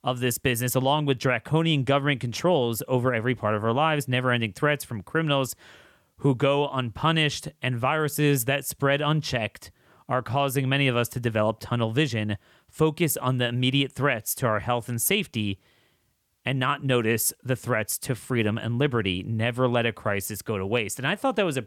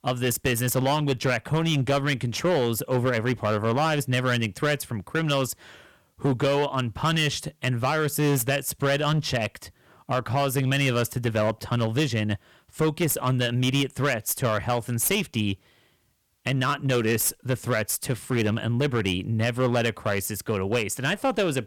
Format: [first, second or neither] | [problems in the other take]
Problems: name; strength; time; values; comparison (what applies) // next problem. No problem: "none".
first | distortion; slight; 11% of the sound clipped